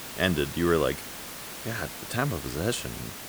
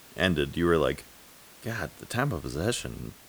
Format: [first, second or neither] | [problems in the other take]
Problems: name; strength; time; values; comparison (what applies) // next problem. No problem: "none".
second | hiss; loud; throughout; 8 dB below the speech; faint in the second